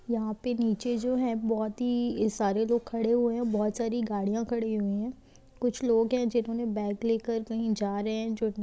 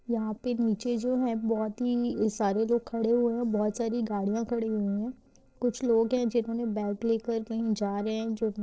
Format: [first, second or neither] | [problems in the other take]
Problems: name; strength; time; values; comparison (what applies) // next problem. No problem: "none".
first | noise reduction (neural separator model SepFormer DNS4)